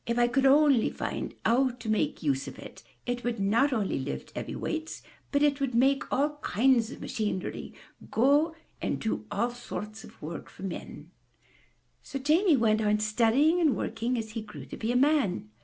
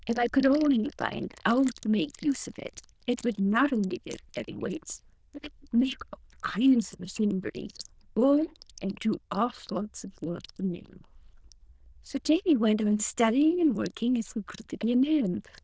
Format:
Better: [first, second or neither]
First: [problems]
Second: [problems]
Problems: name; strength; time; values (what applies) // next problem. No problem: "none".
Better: first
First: none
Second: noise reduction (neural diffusion model UNIVERSE++)